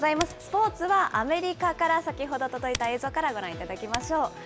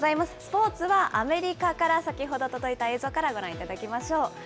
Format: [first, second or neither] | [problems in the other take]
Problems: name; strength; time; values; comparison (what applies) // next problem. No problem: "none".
second | background sound (Typing); 12 dB below the speech